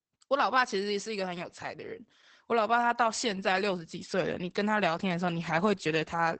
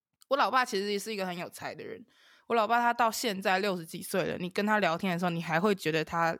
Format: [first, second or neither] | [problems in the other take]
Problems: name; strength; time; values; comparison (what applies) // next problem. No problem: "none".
second | garbled, watery; badly; nothing above 8 kHz